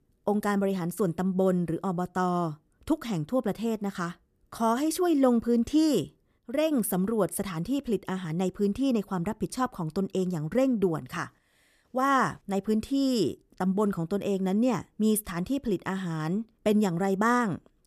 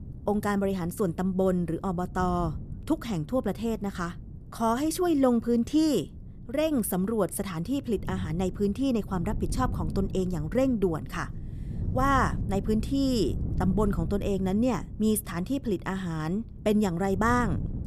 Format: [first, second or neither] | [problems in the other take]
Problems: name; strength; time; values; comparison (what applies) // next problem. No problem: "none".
first | wind noise on the microphone; occasional gusts; 20 dB below the speech